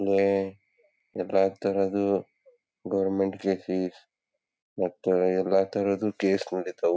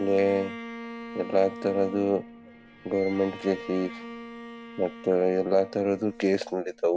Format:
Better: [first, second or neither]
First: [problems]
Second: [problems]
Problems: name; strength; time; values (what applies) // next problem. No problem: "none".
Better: first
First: none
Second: background sound (Bowed string instrument); 14 dB below the speech